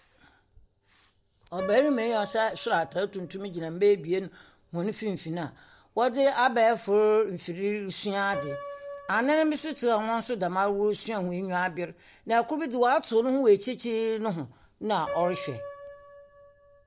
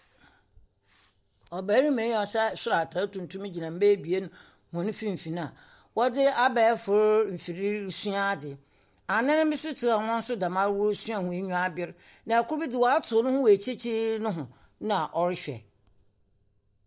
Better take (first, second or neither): second